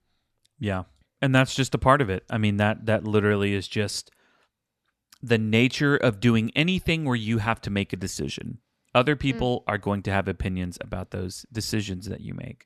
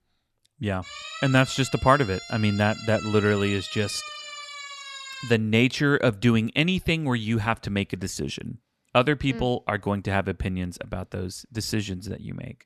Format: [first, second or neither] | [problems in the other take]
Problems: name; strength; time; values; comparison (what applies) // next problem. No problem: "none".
first | siren; faint; from 1 to 5.5 s; peak 10 dB below the speech